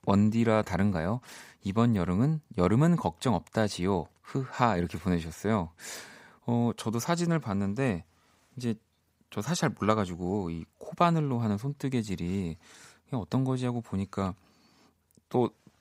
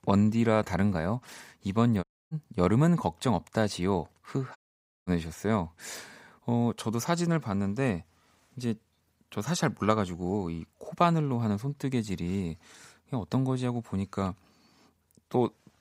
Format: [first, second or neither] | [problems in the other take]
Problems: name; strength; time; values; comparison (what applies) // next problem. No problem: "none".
first | audio cutting out; at 2 s and at 4.5 s for 0.5 s